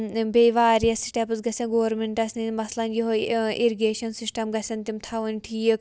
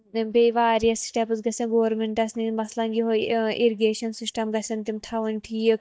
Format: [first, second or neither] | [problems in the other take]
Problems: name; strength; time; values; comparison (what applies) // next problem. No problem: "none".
first | noise reduction (neural mask model DeepFilterNet 3)